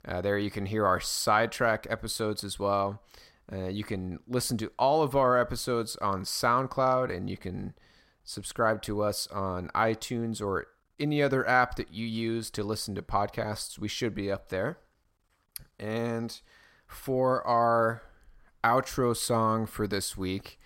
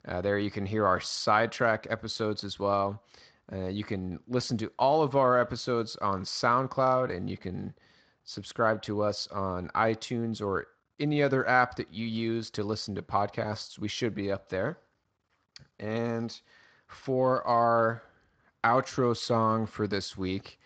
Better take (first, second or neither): first